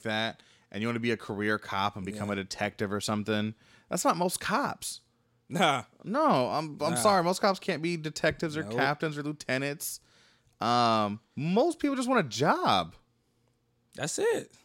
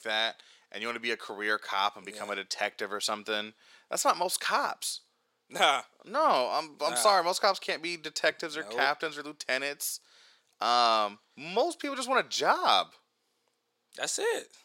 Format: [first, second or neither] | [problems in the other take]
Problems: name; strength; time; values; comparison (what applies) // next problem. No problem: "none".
first | thin; somewhat; fading below 550 Hz